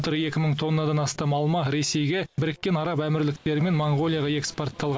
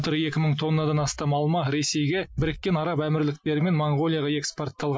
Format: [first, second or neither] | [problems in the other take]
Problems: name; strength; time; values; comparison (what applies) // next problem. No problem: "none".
first | noise reduction (classical method Wiener filter)